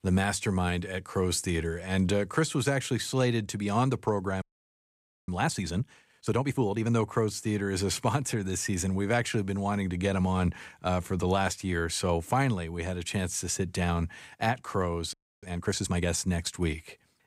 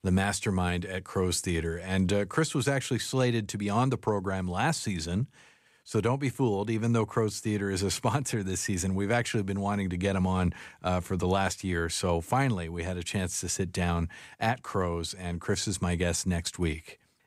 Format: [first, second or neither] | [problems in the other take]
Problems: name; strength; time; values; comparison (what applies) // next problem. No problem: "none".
second | audio freezing; at 4.5 s for 1 s and at 15 s